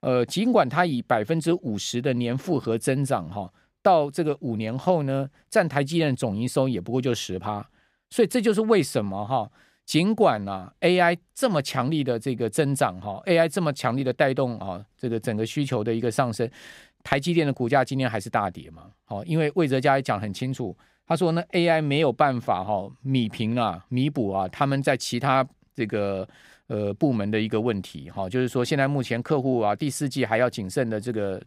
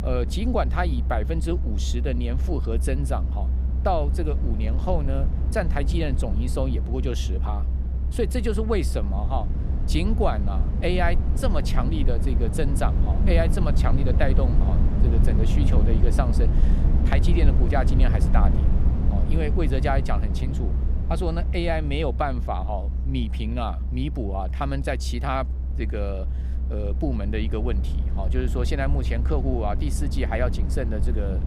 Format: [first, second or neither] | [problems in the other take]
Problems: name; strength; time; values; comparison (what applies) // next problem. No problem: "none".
first | low rumble; loud; throughout; 9 dB below the speech